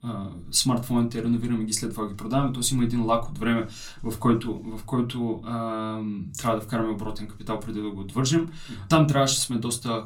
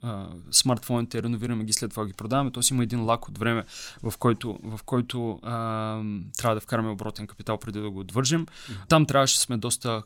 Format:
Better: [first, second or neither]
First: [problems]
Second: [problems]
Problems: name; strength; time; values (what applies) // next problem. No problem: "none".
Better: second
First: off-mic speech; somewhat distant // room echo; very slight; dies away in 0.2 s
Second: none